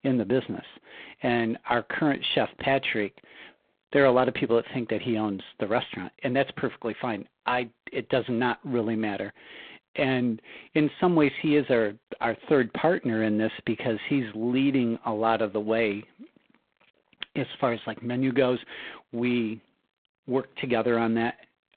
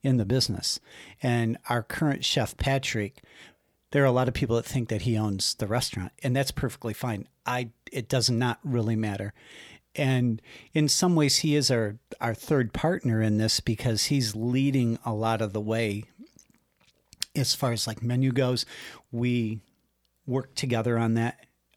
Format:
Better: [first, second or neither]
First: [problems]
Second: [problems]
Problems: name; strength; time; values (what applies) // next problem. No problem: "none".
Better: second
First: phone-call audio; poor line; nothing above 3.5 kHz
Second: none